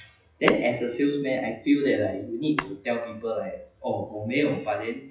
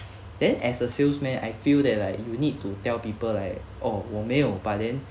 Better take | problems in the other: second | noise reduction (classical method WPE with log-MMSE)

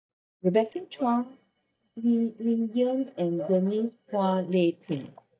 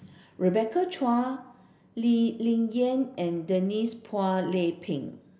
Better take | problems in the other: second | noise reduction (neural mask model DeepFilterNet 3)

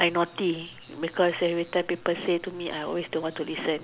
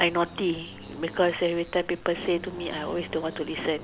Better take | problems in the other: first | background sound (Accelerating, revving, vroom); 17 dB below the speech

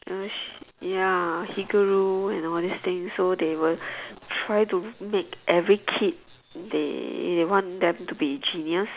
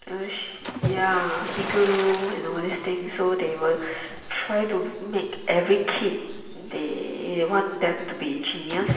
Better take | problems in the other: first | background sound (Splash, splatter); 10 dB below the speech // room echo; dies away in 1.4 s

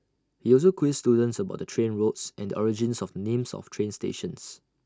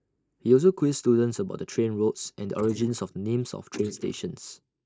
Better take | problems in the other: first | noise reduction (neural mask model Resemble Enhance denoiser)

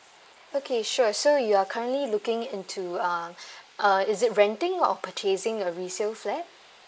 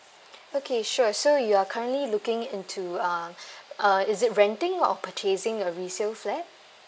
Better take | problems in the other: second | noise reduction (neural mask model Resemble Enhance denoiser)

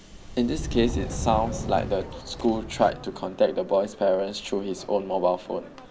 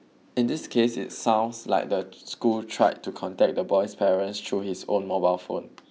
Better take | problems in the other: second | background sound (Subway, metro, underground); 9 dB below the speech

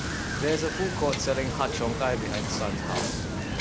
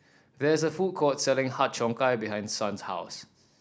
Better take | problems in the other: second | background sound (Wind / Boat, Water vehicle); as loud as the speech

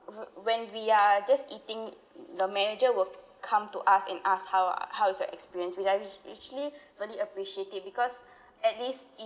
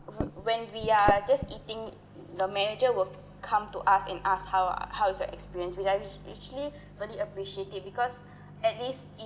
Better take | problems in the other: first | background sound (Microwave oven); 11 dB below the speech

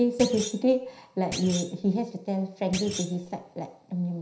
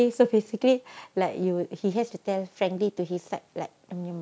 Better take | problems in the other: second | background sound (Thump, thud); 12 dB below the speech // room echo; dies away in 0.5 s

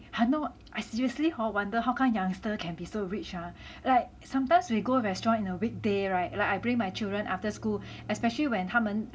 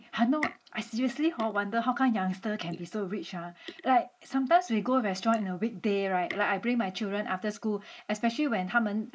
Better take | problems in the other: first | noise reduction (neural mask model Resemble Enhance denoiser)

